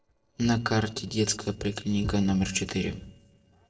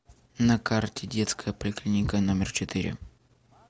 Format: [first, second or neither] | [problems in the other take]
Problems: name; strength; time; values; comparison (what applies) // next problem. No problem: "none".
second | noise reduction (neural separator model SepFormer DNS4)